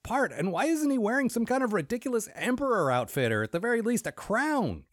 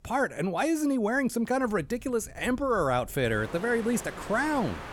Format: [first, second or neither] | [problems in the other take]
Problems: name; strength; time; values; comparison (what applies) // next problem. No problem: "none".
first | wind in the background; noticeable; throughout; 15 dB below the speech